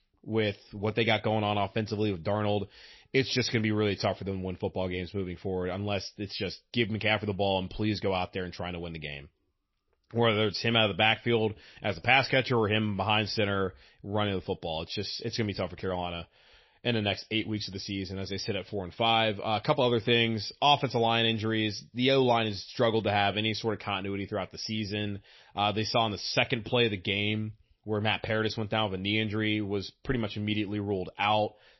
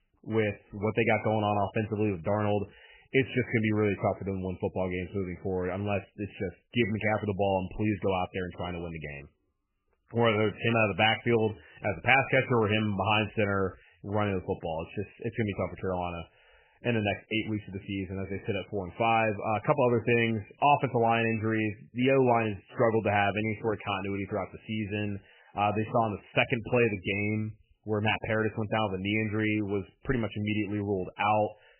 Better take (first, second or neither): first